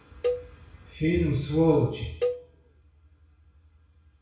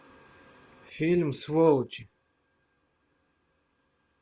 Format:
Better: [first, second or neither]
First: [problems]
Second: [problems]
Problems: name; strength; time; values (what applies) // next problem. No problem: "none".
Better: second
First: background sound (Cowbell); 7 dB below the speech // room echo; dies away in 0.6 s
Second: none